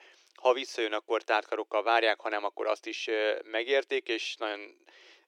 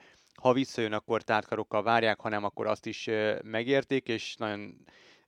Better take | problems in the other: second | thin; very; fading below 350 Hz

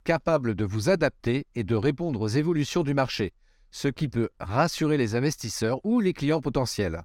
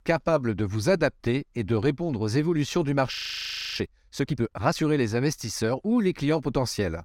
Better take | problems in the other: first | audio freezing; at 3 s for 0.5 s

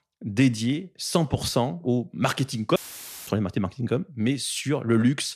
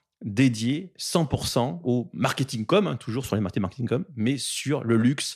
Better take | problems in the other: second | audio cutting out; filled with static; at 3 s for 0.5 s

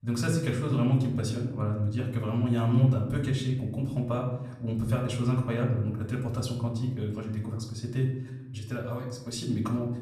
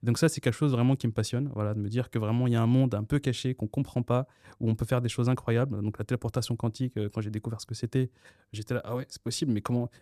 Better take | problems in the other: second | room echo; slight; dies away in 0.8 s // off-mic speech; far

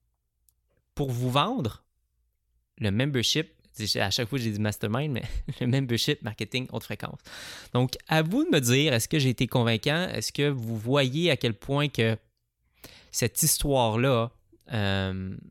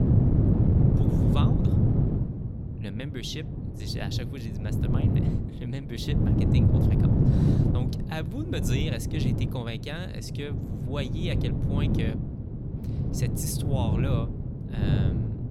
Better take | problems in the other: first | wind noise on the microphone; heavy; 3 dB above the speech

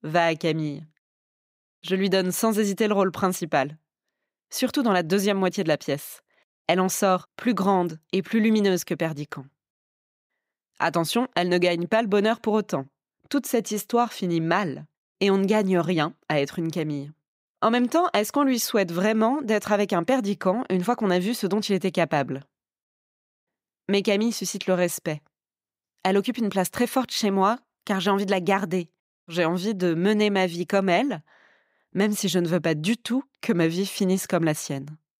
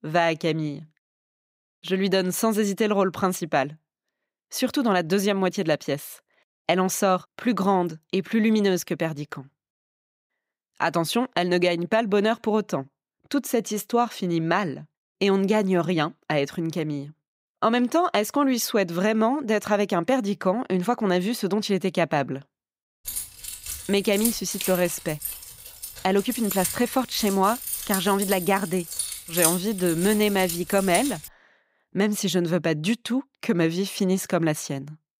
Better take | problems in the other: first | jangling keys; loud; from 23 to 31 s; peak 2 dB above the speech

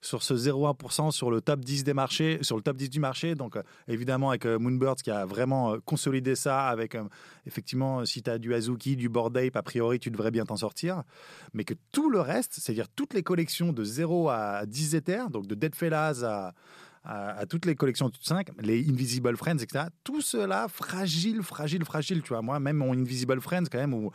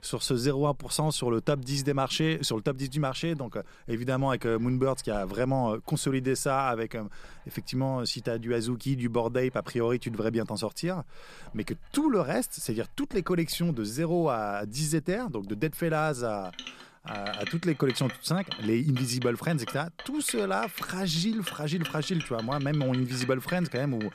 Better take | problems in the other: first | household noises; noticeable; throughout; 15 dB below the speech

